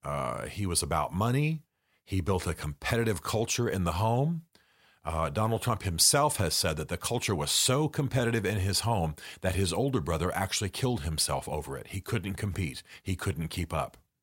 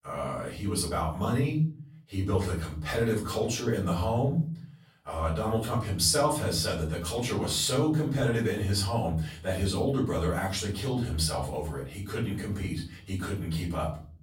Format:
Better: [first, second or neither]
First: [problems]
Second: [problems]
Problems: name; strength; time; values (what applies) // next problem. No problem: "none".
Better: first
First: none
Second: off-mic speech; far // room echo; slight; dies away in 0.5 s